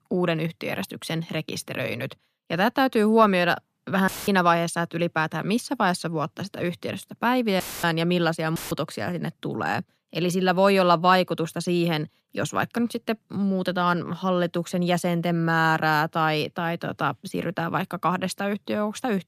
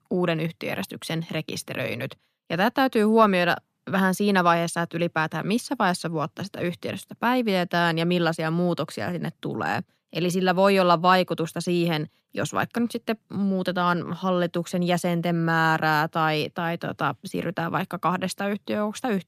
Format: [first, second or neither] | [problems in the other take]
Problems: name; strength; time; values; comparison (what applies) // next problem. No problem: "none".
second | audio cutting out; filled with static; at 4 s, at 7.5 s and at 8.5 s